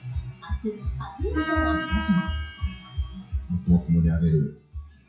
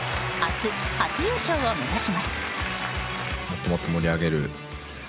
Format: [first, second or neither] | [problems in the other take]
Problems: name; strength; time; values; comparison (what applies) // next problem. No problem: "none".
second | noise reduction (classical method WPE with log-MMSE)